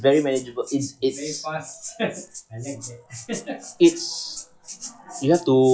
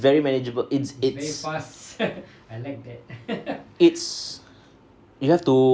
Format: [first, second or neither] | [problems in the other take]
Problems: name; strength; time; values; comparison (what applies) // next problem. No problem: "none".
second | noise reduction (classical method log-MMSE)